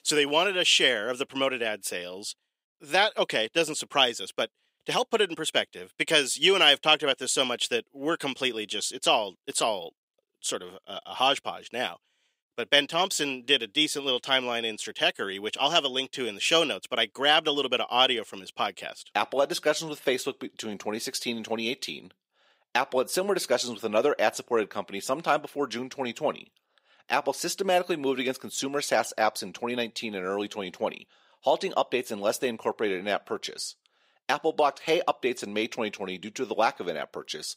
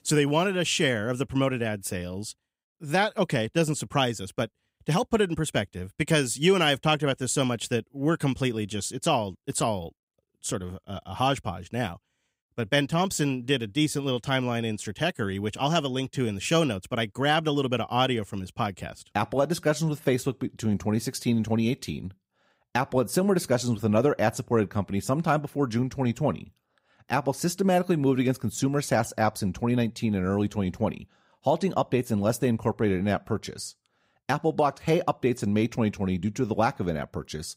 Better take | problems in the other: second | thin; somewhat; fading below 450 Hz

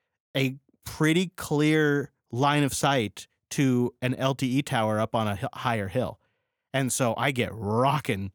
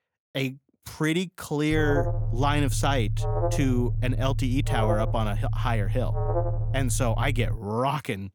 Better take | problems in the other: first | alarm; loud; from 1.5 to 7.5 s; peak 2 dB above the speech

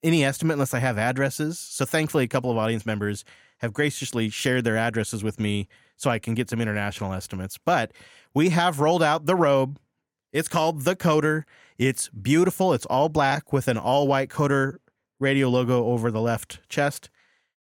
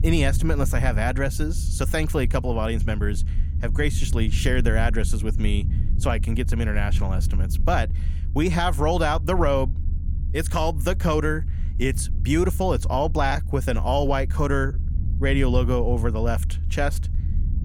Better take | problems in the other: first | low rumble; noticeable; throughout; 15 dB below the speech

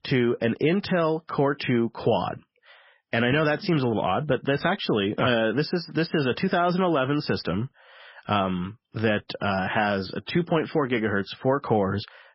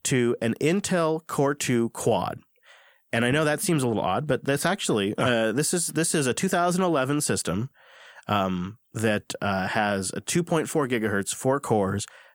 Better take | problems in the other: second | garbled, watery; badly; nothing above 5.5 kHz

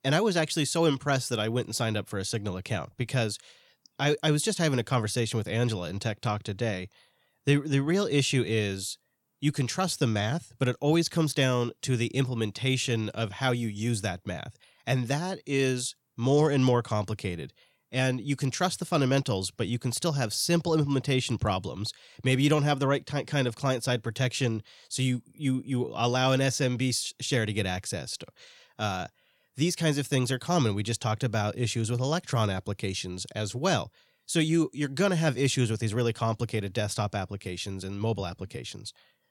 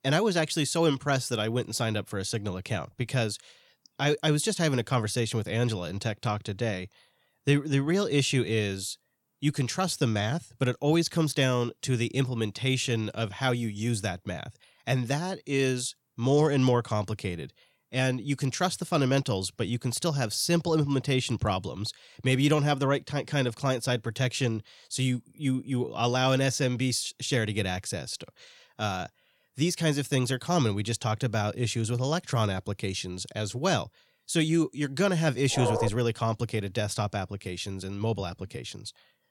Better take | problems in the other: first | dog barking; noticeable; at 36 s; peak 1 dB below the speech

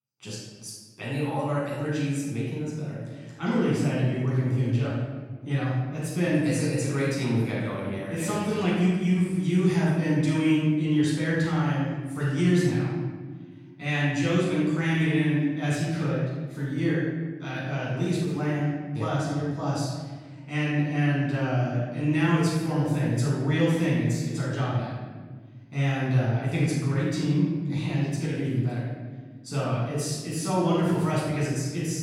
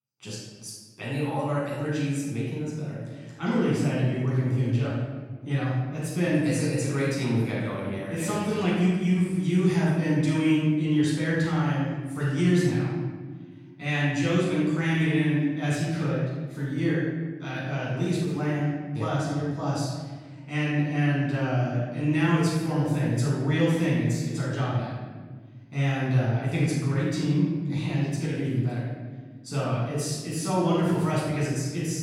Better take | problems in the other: neither | room echo; strong; dies away in 1.4 s; the same in both // off-mic speech; far; the same in both

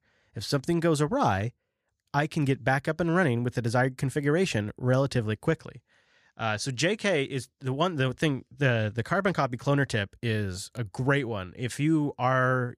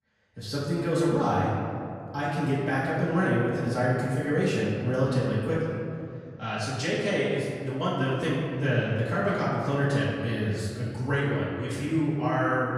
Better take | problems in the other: first | room echo; strong; dies away in 2.2 s // off-mic speech; far

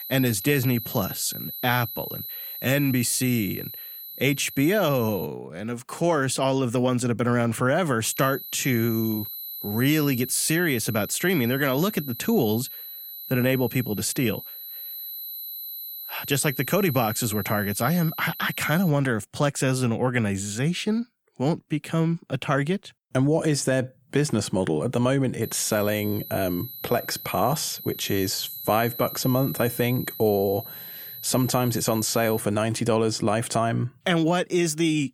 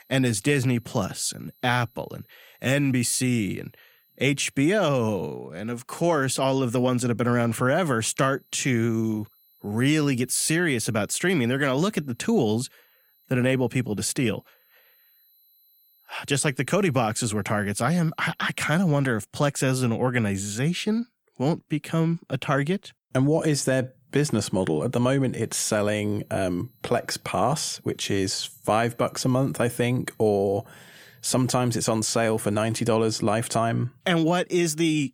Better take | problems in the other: second | high-pitched whine; loud; until 5.5 s, from 8 to 19 s and from 25 to 32 s; 12 kHz, 10 dB below the speech; faint in the second

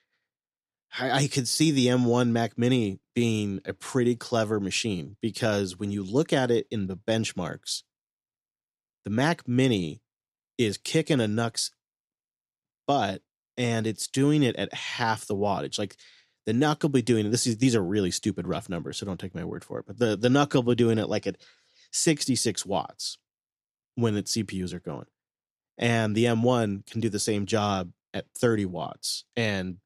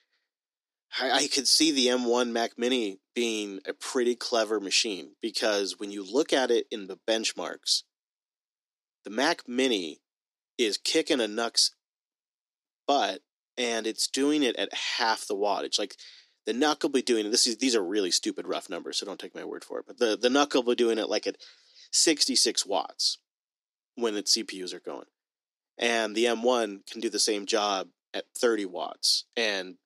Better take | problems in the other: first | thin; somewhat; fading below 300 Hz

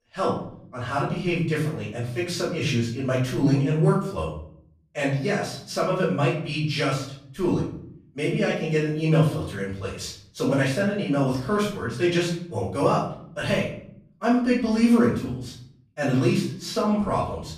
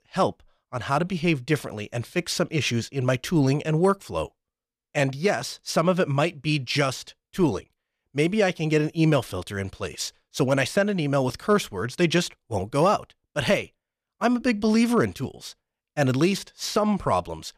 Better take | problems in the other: second | off-mic speech; far // room echo; noticeable; dies away in 0.6 s

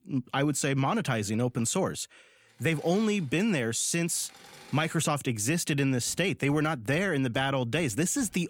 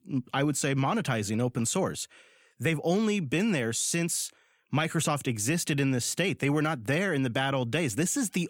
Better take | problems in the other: second | machinery noise; faint; throughout; 25 dB below the speech

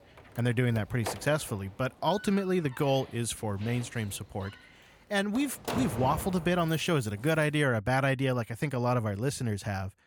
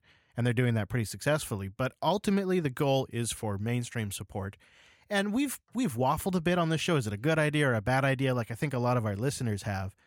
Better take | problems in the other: second | door banging; noticeable; until 7.5 s; peak 4 dB below the speech

